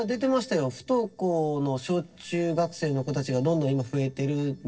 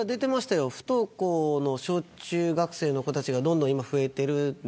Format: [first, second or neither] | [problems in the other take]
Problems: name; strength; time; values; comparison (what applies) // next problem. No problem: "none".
second | noise reduction (neural separator model SepFormer DNS4)